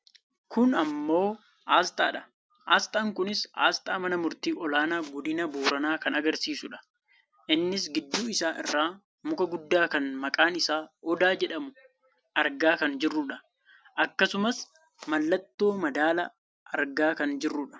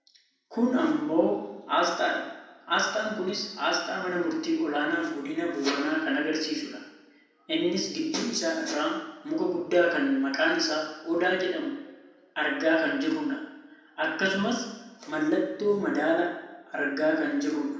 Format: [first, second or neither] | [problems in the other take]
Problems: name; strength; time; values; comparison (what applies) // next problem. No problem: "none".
first | room echo; dies away in 0.8 s